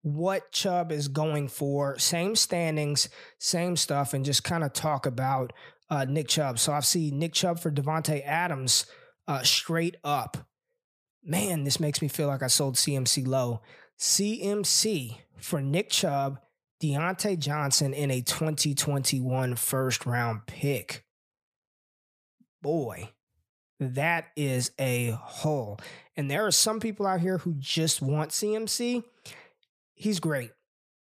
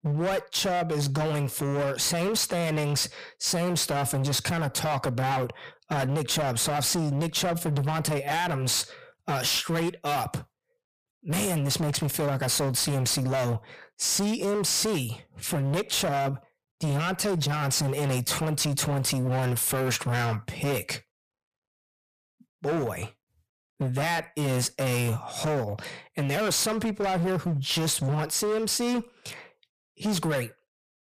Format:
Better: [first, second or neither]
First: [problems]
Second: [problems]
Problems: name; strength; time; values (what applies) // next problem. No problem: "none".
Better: first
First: none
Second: distortion; heavy; 26% of the sound clipped